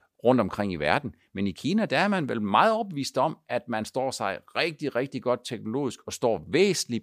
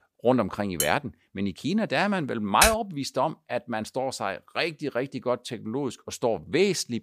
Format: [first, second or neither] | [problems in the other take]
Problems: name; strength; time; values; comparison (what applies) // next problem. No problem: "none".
first | clattering dishes; noticeable; at 1 s; peak 3 dB below the speech // keyboard typing; loud; at 2.5 s; peak 5 dB above the speech